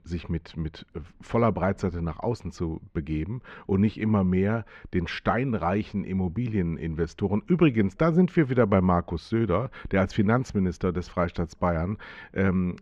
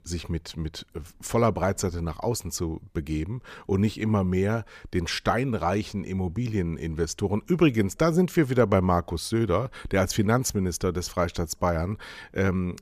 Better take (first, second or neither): second